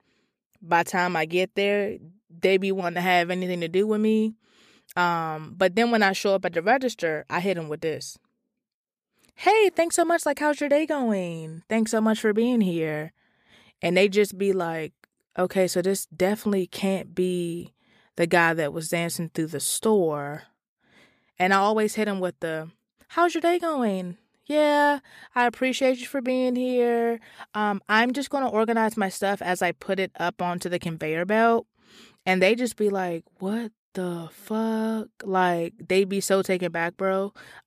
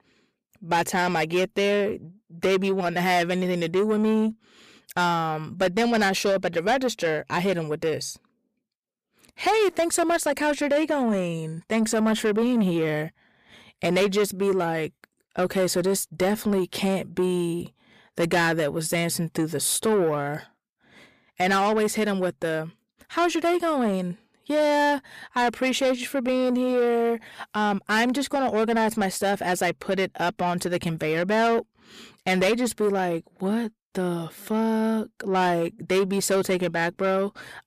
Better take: first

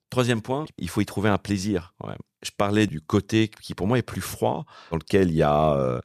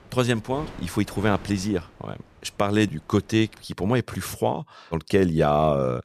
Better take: first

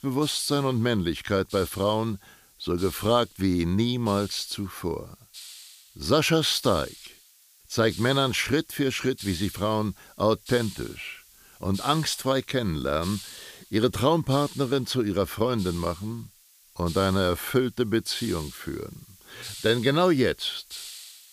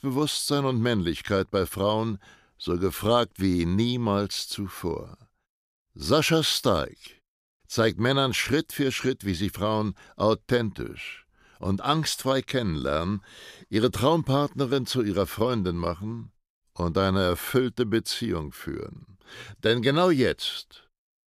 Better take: second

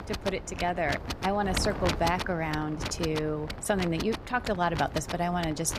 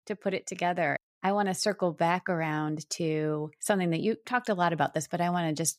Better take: second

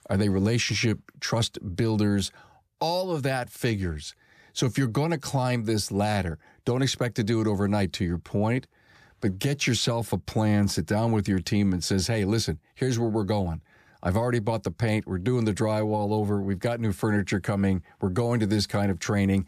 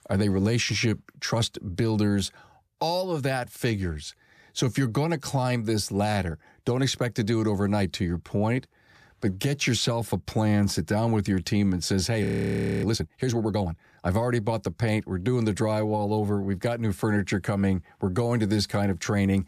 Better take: first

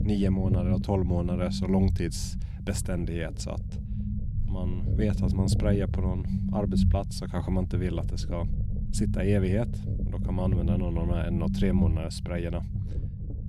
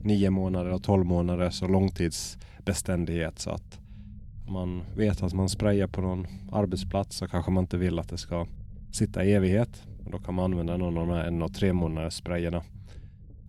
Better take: second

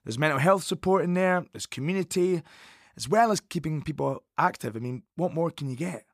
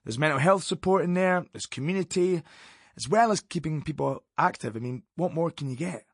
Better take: first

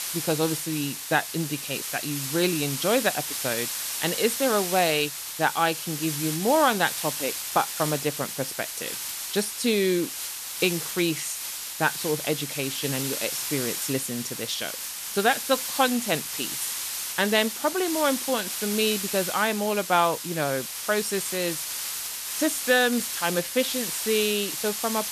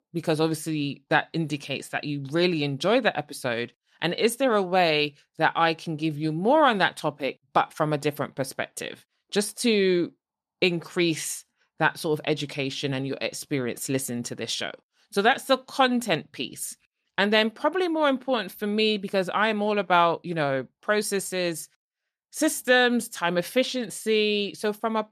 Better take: second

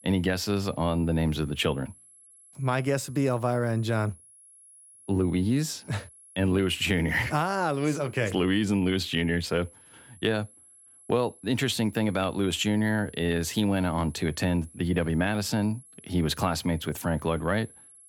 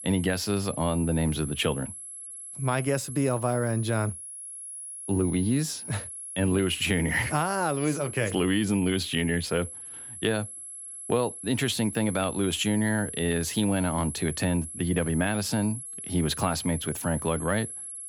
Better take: first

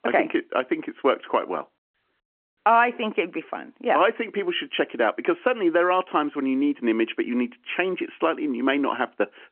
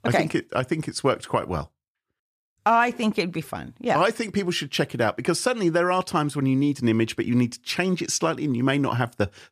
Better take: second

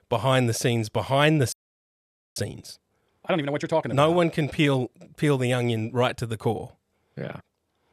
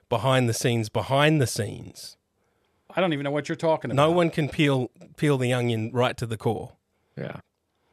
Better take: second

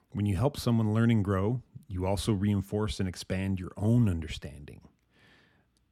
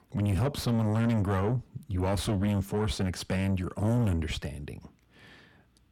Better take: first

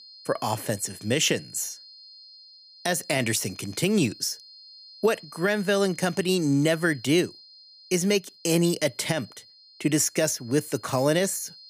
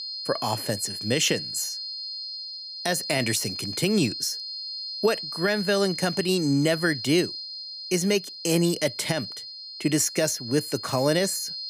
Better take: first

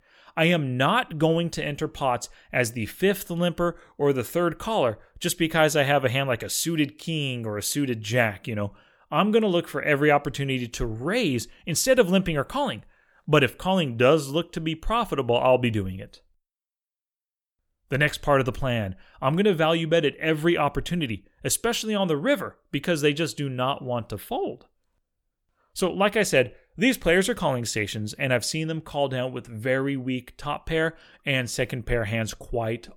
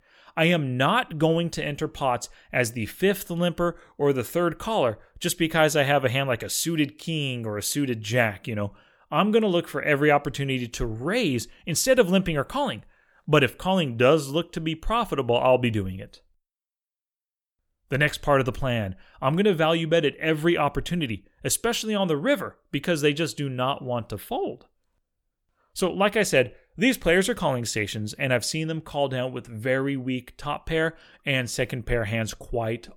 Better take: neither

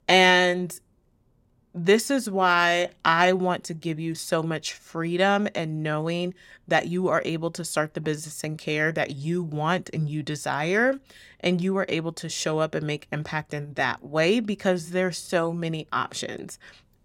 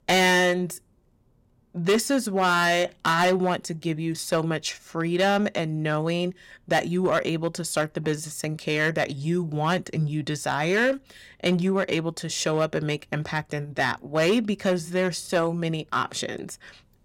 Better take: first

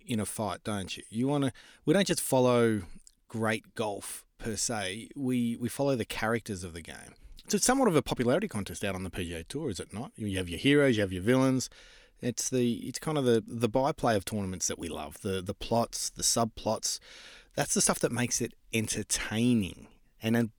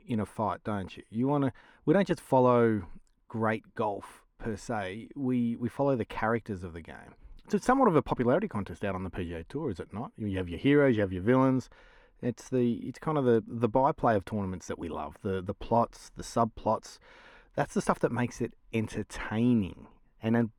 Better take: first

